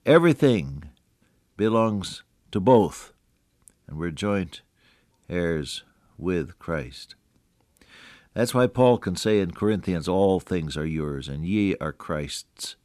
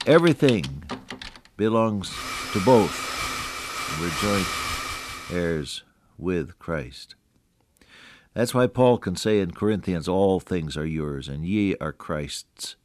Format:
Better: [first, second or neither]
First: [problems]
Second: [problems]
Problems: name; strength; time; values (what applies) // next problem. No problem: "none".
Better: first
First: none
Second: household noises; loud; until 5 s; 6 dB below the speech